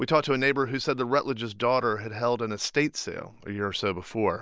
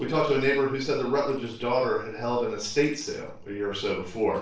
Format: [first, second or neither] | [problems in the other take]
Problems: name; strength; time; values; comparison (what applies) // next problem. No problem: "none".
first | noise reduction (neural separator model SepFormer DNS4)